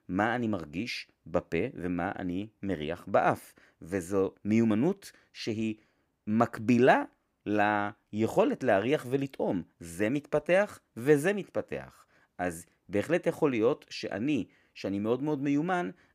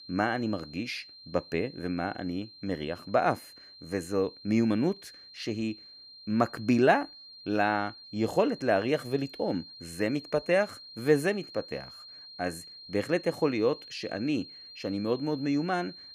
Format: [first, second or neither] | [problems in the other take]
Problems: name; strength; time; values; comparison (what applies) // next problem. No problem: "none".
first | high-pitched whine; noticeable; throughout; 4 kHz, 15 dB below the speech